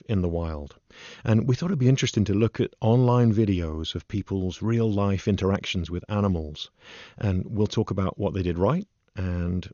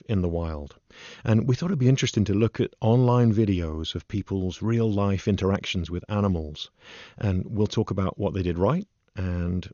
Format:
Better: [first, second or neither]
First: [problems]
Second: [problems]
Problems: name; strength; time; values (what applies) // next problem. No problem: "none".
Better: neither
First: garbled, watery; slightly; nothing above 6.5 kHz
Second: garbled, watery; slightly; nothing above 6.5 kHz